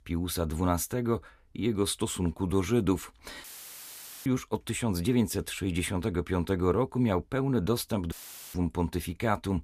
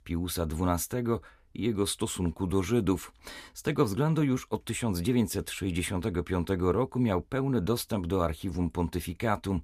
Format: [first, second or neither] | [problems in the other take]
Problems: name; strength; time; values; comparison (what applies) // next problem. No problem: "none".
second | audio cutting out; filled with static; at 3.5 s for 1 s and at 8 s